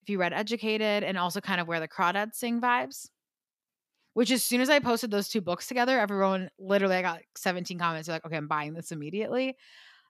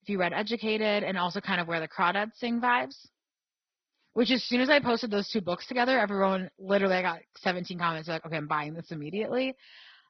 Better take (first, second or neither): first